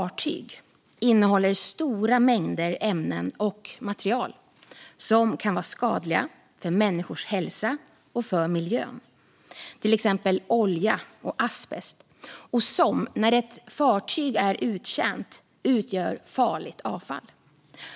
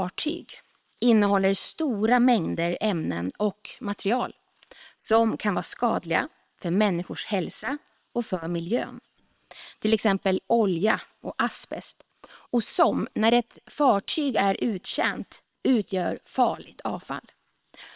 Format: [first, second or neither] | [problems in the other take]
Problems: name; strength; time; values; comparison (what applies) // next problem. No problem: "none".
first | noise reduction (neural separator model SepFormer WHAM!)